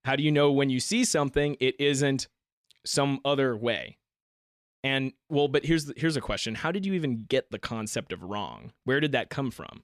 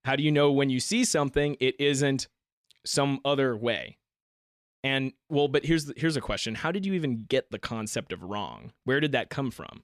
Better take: neither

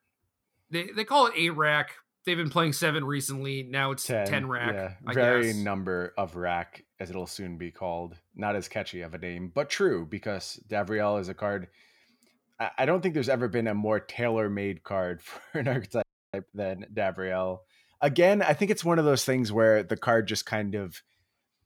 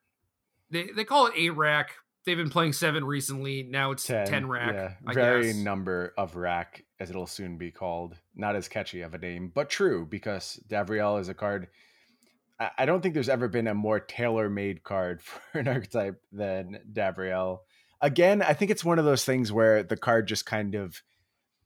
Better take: second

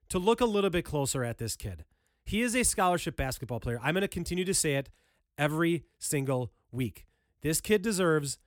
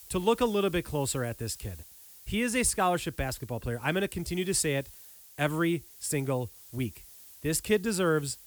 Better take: first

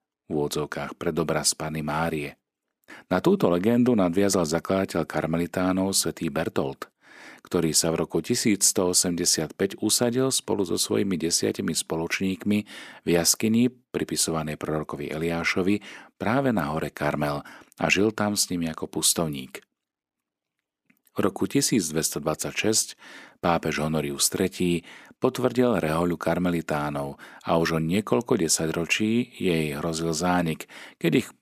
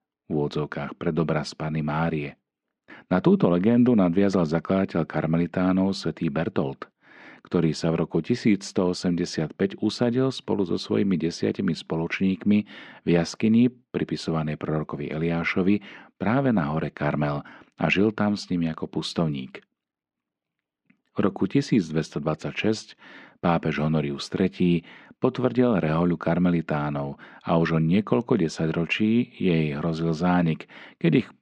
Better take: first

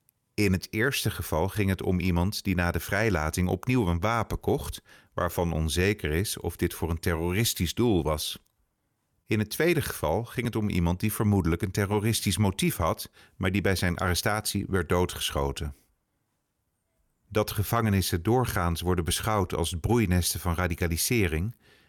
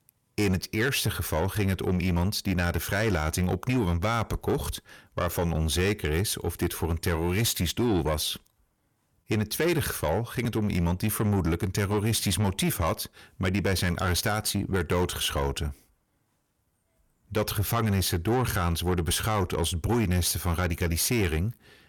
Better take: first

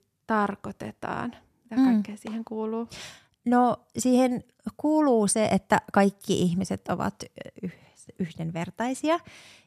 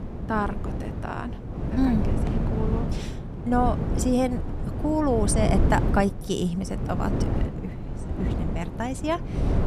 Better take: first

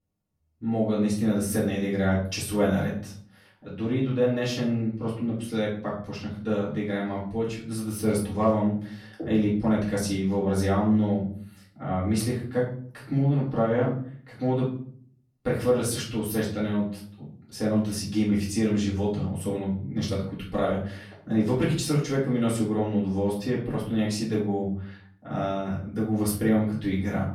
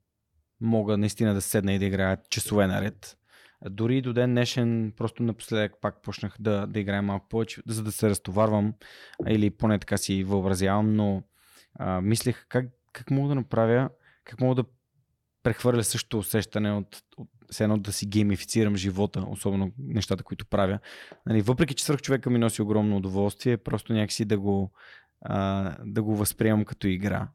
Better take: second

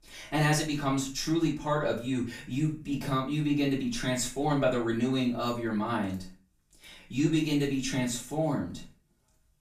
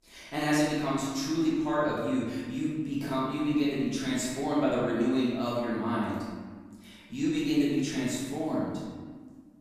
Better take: first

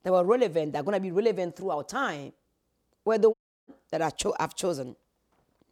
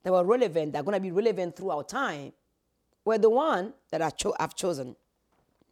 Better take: second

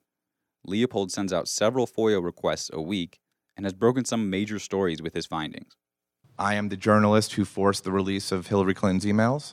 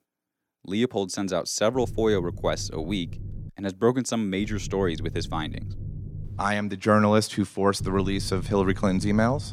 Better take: first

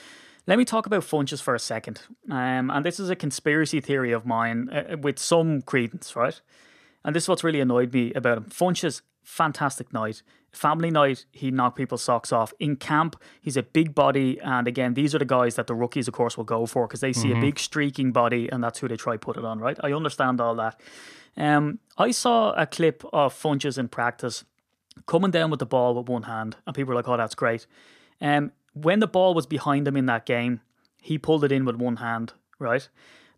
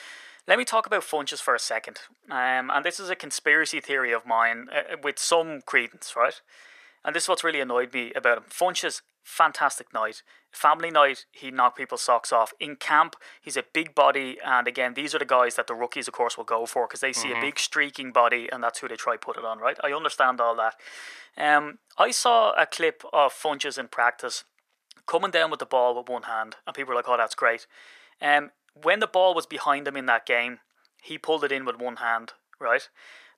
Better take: first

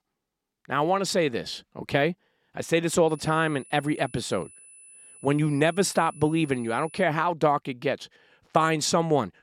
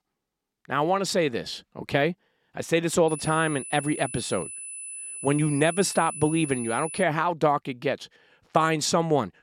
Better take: first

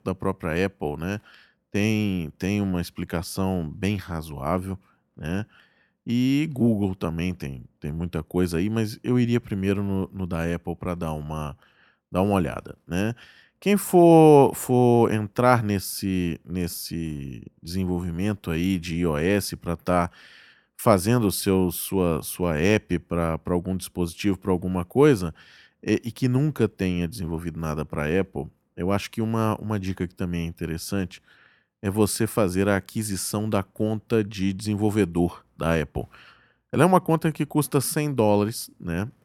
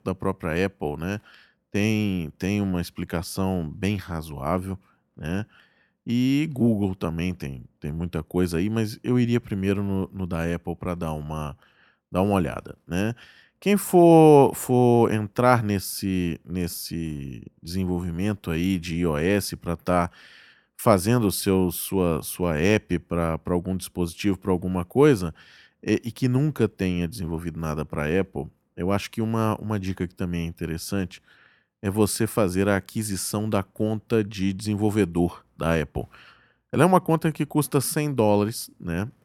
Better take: neither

